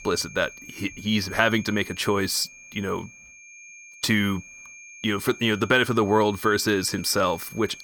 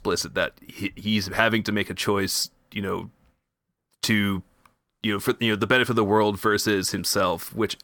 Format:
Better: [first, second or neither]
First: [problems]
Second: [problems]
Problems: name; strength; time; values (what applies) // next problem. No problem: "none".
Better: second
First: high-pitched whine; noticeable; throughout; 2.5 kHz, 20 dB below the speech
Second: none